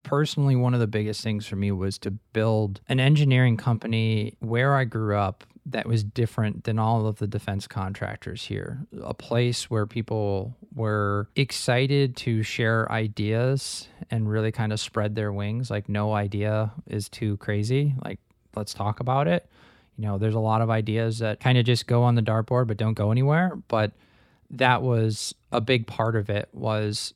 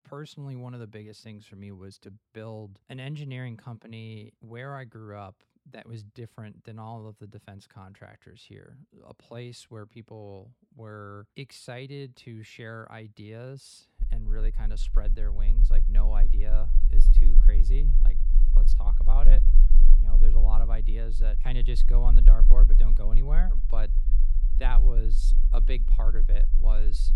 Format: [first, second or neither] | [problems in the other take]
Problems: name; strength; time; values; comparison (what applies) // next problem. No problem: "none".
first | low rumble; loud; from 14 s on; 9 dB below the speech